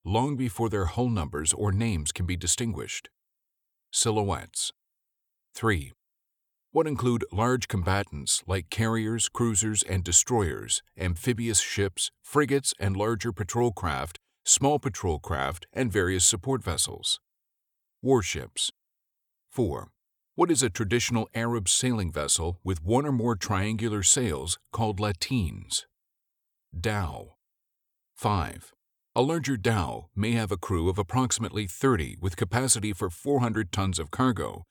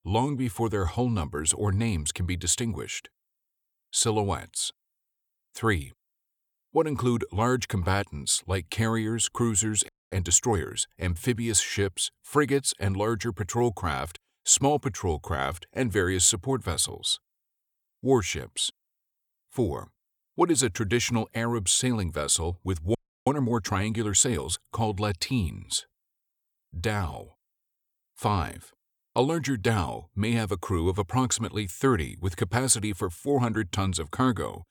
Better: first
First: none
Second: audio freezing; at 10 s and at 23 s

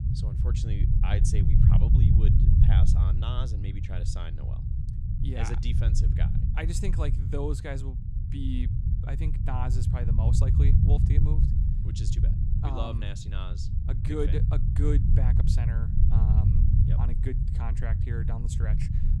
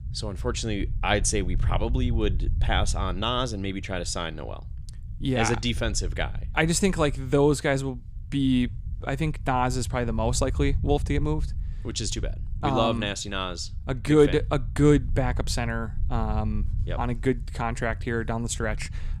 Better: second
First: low rumble; loud; throughout; as loud as the speech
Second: low rumble; faint; throughout; 20 dB below the speech

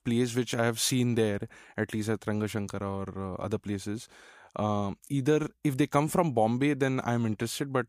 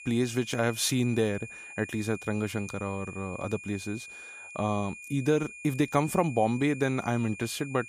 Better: first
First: none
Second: high-pitched whine; noticeable; throughout; 2.5 kHz, 15 dB below the speech

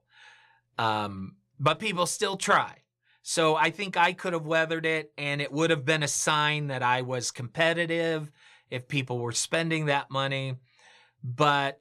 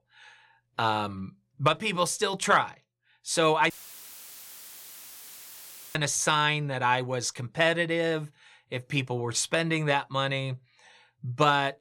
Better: first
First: none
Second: audio cutting out; filled with static; at 3.5 s for 2.5 s

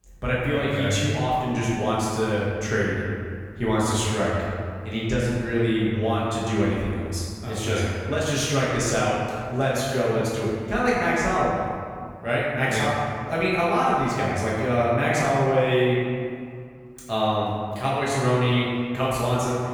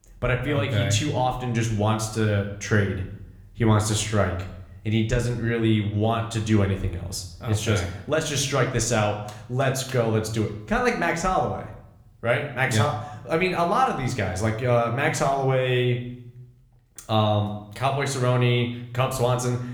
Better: second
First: room echo; strong; dies away in 1.9 s // off-mic speech; far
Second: room echo; slight; dies away in 0.6 s

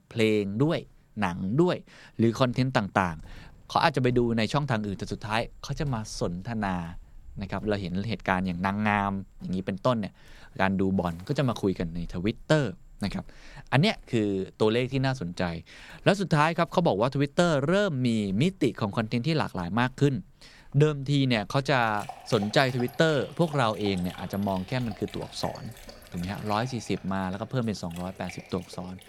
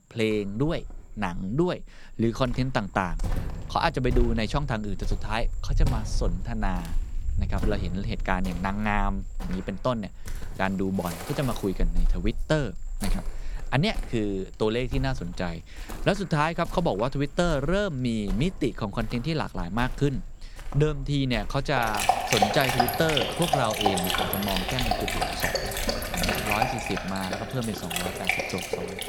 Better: first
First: animal sounds; faint; throughout; 20 dB below the speech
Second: animal sounds; loud; throughout; 2 dB below the speech

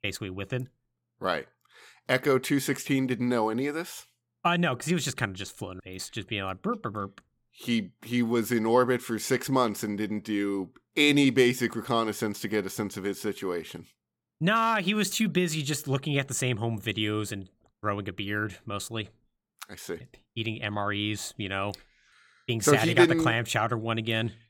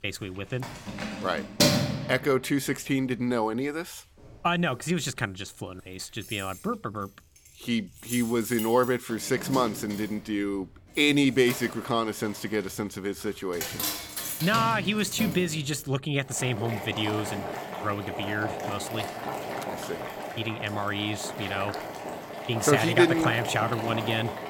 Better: first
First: none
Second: household noises; loud; throughout; 5 dB below the speech

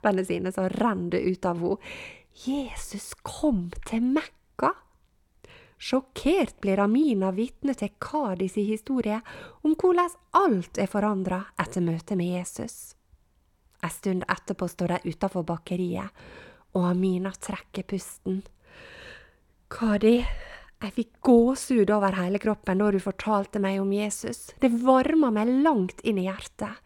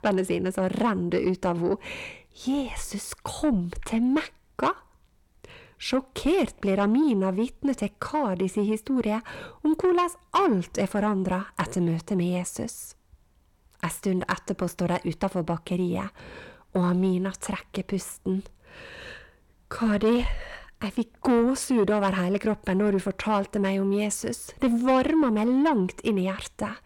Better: first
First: none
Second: distortion; slight; 10 dB below the speech

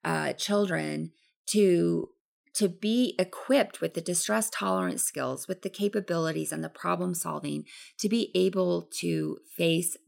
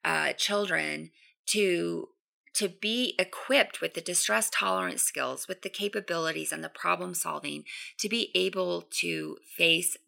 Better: first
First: none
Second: thin; somewhat; fading below 600 Hz

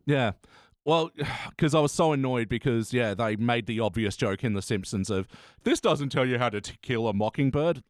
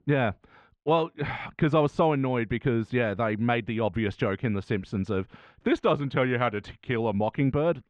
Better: first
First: none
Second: muffled; very; fading above 2 kHz

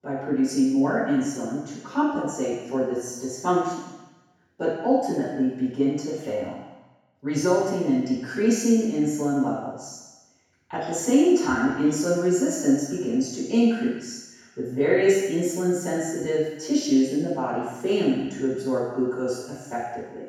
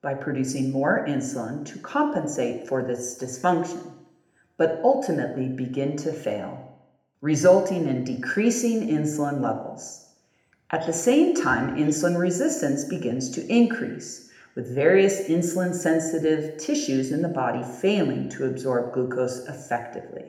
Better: second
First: room echo; strong; dies away in 1.1 s // off-mic speech; far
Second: room echo; slight; dies away in 0.8 s // off-mic speech; somewhat distant

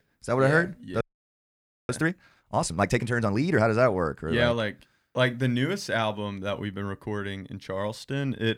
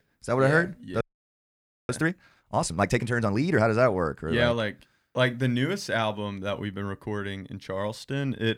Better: neither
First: audio freezing; at 1 s for 1 s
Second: audio freezing; at 1 s for 1 s

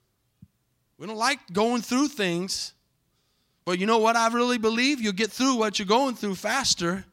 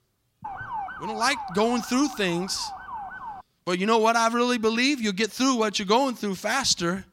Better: first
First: none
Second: siren; noticeable; until 3.5 s; peak 9 dB below the speech

